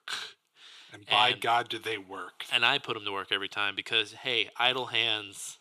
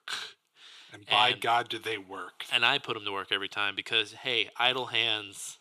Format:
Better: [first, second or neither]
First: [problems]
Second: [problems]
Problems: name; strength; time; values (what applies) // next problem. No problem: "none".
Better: neither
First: thin; somewhat; fading below 900 Hz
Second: thin; somewhat; fading below 900 Hz